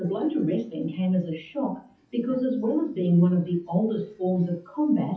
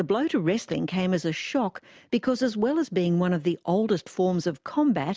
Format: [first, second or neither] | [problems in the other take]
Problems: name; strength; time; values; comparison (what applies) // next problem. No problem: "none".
second | noise reduction (classical method WPE with log-MMSE)